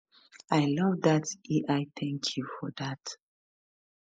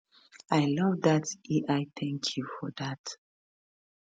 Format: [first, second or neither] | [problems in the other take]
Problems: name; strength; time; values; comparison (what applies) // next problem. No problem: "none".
second | noise reduction (neural mask model Resemble Enhance denoiser)